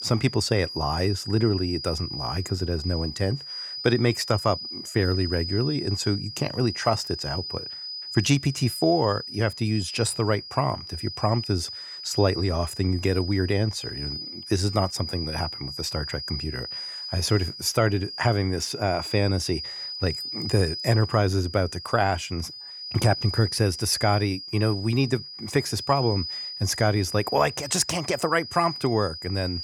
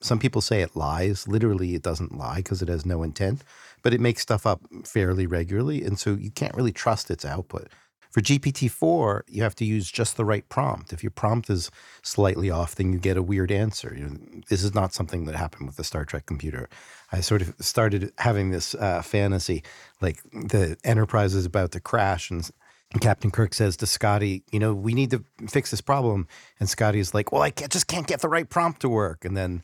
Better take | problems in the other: second | high-pitched whine; loud; throughout; 5 kHz, 8 dB below the speech

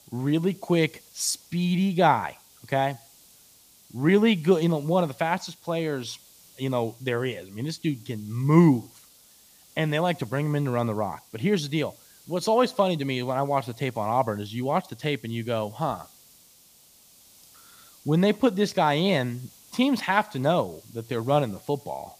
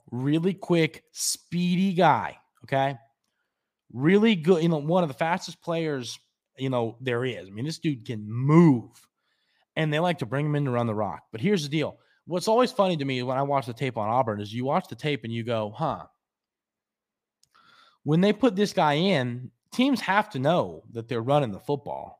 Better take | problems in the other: second | hiss; faint; throughout; 25 dB below the speech

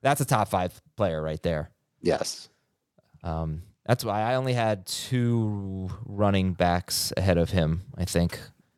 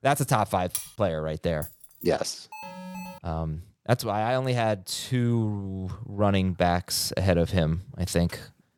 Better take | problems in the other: first | clattering dishes; noticeable; at 0.5 s; peak 6 dB below the speech // jangling keys; faint; at 1.5 s; peak 15 dB below the speech // alarm; faint; at 2.5 s; peak 10 dB below the speech

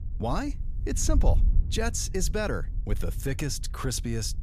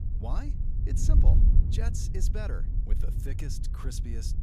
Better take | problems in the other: first | wind noise on the microphone; heavy; 3 dB below the speech; occasional gusts in the first

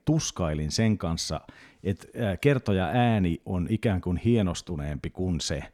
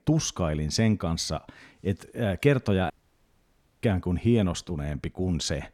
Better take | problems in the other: first | audio cutting out; at 3 s for 1 s

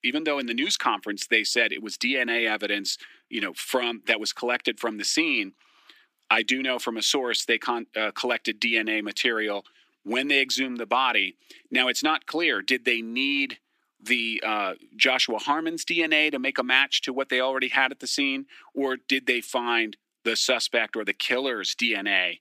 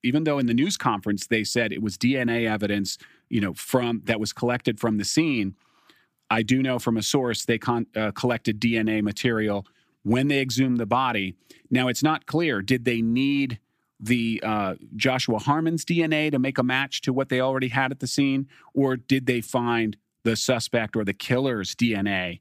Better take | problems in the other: second | thin; somewhat; fading below 300 Hz

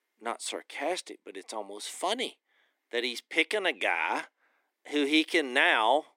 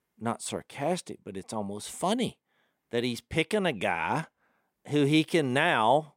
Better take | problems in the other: second | thin; somewhat; fading below 300 Hz

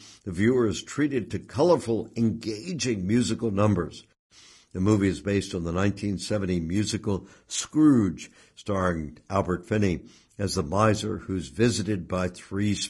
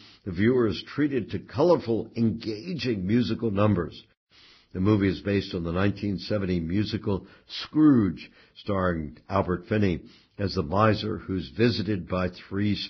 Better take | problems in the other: first | garbled, watery; badly; nothing above 5.5 kHz; slightly in the first

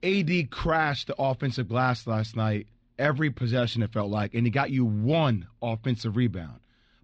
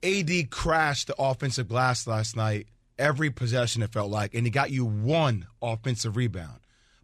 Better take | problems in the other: second | muffled; very slightly; fading above 4 kHz

